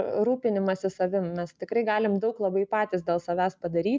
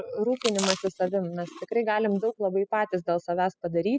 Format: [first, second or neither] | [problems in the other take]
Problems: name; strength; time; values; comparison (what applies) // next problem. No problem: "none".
first | noise reduction (classical method spectral subtraction)